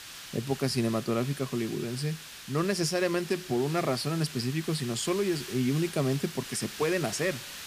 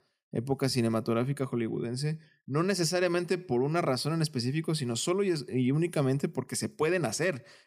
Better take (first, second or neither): second